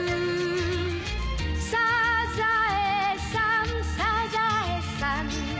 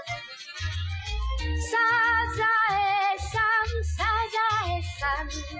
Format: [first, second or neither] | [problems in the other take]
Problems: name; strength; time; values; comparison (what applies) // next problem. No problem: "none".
first | noise reduction (classical method Wiener filter)